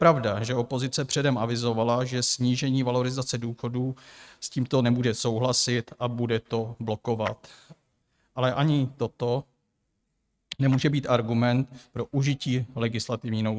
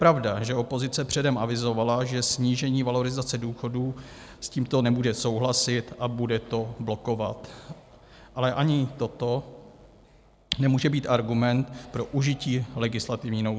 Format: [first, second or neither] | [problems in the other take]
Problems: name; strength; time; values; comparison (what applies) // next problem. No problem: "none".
second | noise reduction (neural mask model RNNoise)